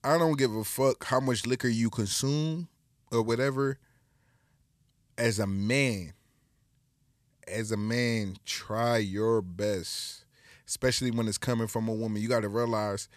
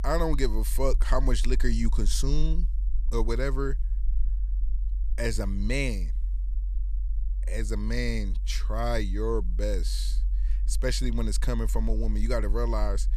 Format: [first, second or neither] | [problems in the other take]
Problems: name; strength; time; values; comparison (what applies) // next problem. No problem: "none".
first | low rumble; faint; throughout; 20 dB below the speech